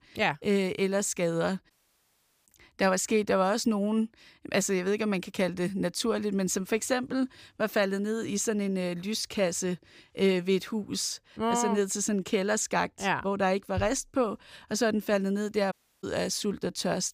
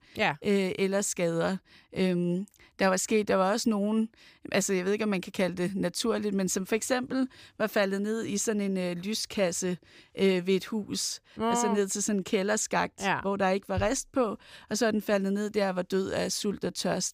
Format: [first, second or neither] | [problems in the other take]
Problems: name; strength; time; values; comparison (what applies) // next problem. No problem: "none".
second | audio cutting out; at 1.5 s for 1 s and at 16 s